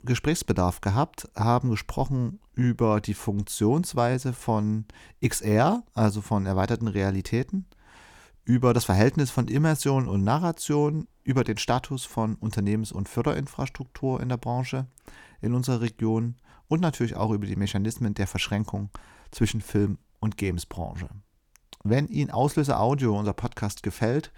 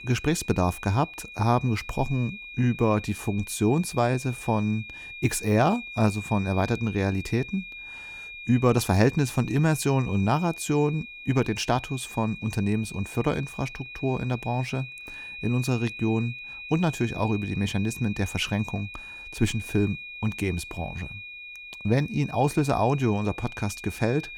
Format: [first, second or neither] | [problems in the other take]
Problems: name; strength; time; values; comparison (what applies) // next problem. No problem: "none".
first | high-pitched whine; noticeable; throughout; 2.5 kHz, 10 dB below the speech